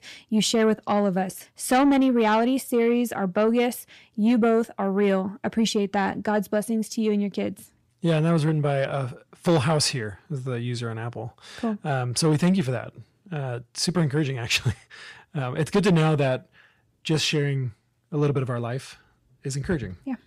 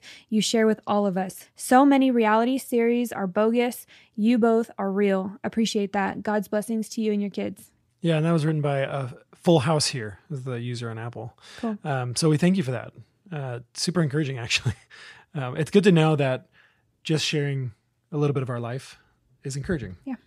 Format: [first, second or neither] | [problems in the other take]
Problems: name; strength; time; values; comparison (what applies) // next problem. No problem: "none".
second | distortion; slight; 10 dB below the speech